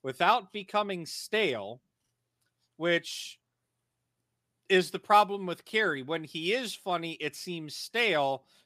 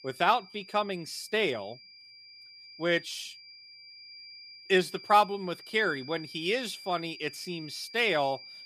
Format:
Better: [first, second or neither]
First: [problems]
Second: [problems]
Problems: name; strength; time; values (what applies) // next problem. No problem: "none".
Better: first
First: none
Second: high-pitched whine; noticeable; throughout; 5 kHz, 15 dB below the speech